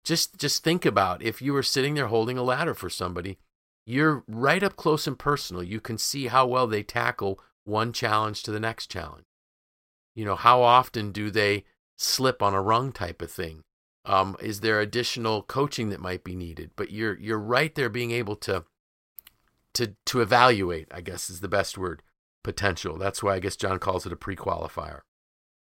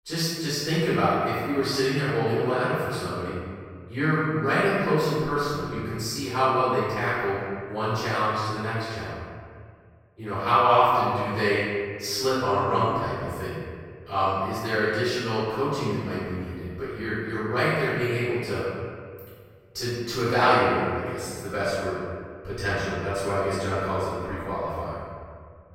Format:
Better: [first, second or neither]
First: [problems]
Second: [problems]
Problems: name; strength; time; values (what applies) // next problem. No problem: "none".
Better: first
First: none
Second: off-mic speech; far // room echo; strong; dies away in 1.9 s